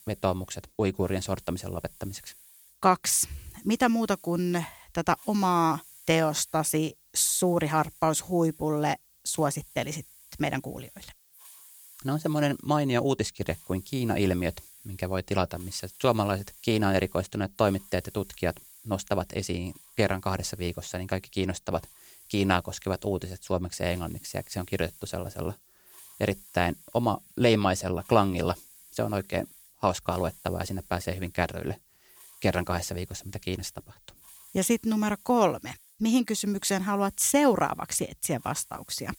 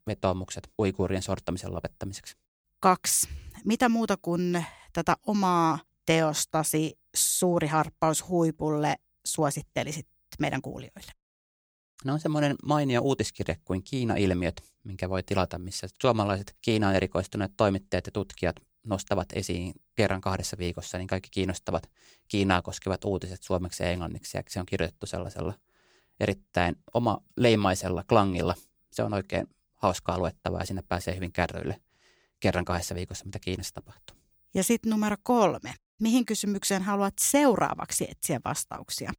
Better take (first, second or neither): second